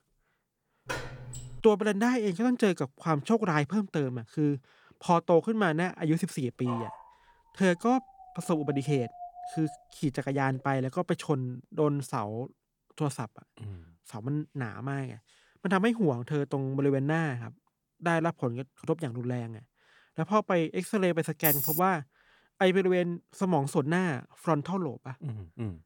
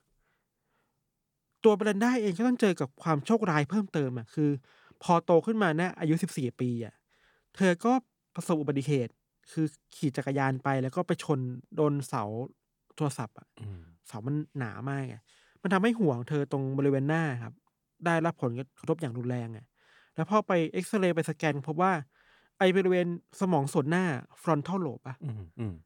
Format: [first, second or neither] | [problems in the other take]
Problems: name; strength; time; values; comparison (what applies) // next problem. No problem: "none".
second | door banging; noticeable; at 1 s; peak 8 dB below the speech // dog barking; faint; from 6.5 to 11 s; peak 10 dB below the speech // jangling keys; loud; at 21 s; peak 4 dB above the speech